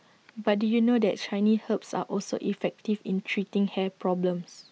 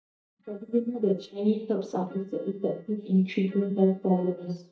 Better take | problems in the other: first | noise reduction (neural mask model DeepFilterNet 3)

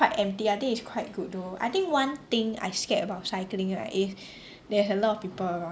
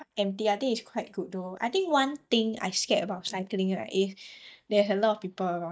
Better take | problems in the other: first | noise reduction (neural mask model DeepFilterNet 3)

